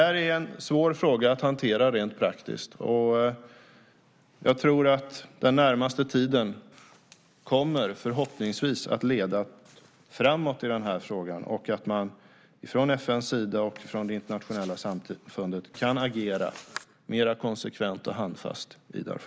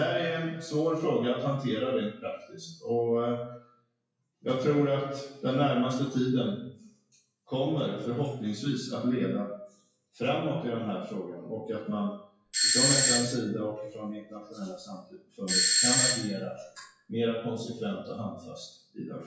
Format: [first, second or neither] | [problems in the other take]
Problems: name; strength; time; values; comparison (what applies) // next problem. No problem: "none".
first | noise reduction (classical method WPE with log-MMSE)